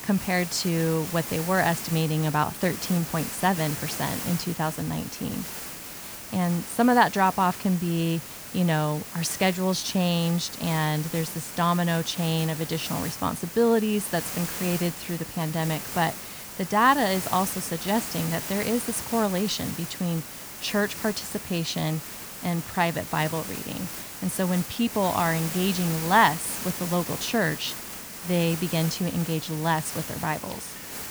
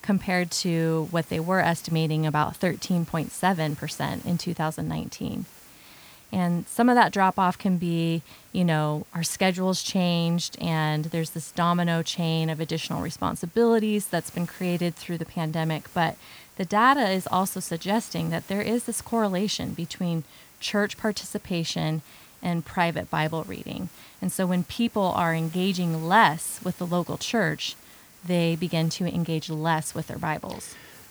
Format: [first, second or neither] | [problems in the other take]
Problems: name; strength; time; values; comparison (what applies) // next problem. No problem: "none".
second | hiss; loud; throughout; 8 dB below the speech; faint in the second